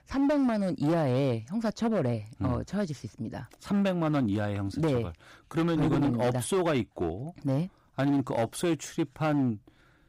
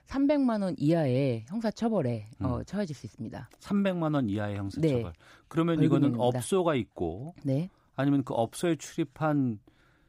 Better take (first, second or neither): second